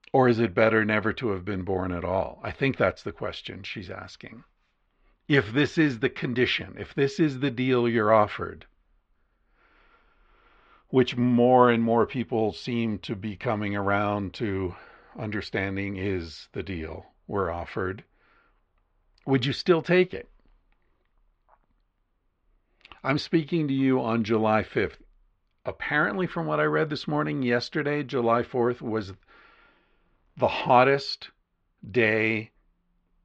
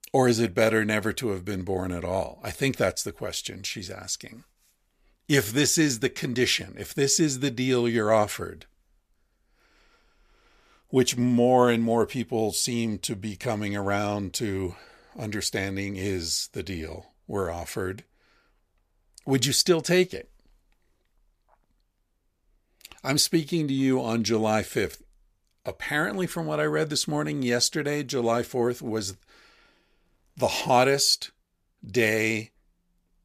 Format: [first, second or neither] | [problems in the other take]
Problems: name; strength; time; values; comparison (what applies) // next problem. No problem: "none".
second | muffled; very; fading above 3.5 kHz